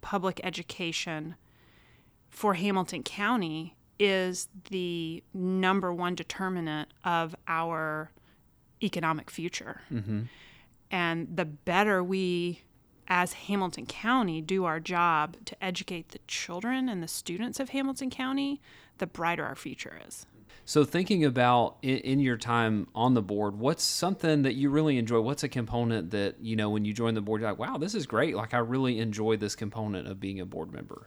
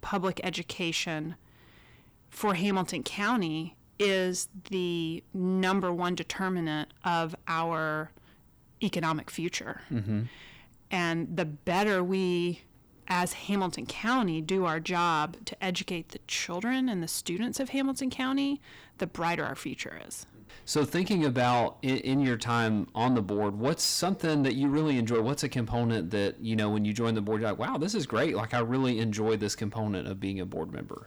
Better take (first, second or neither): first